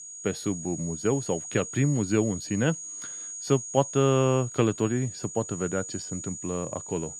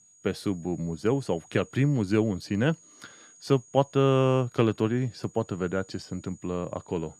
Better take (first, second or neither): second